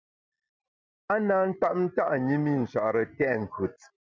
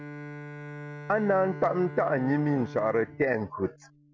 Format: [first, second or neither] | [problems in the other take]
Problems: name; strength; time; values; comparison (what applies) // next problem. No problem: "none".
first | background sound (Bowed string instrument); 13 dB below the speech